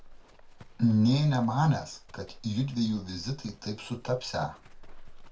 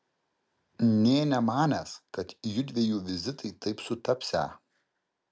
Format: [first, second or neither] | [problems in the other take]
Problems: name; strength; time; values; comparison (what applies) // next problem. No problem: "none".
second | background sound (Livestock, farm animals, working animals); 18 dB below the speech // room echo; dies away in 0.2 s